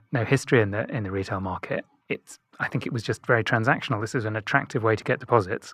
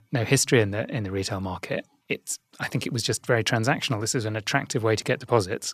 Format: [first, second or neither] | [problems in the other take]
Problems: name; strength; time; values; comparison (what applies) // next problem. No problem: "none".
second | muffled; very; fading above 3.5 kHz